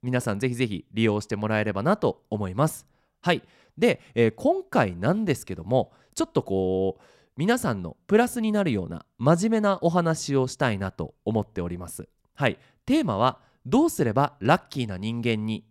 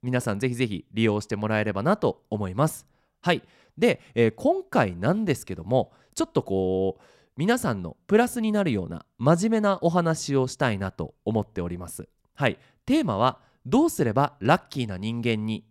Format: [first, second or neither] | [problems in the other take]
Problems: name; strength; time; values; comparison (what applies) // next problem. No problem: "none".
neither | none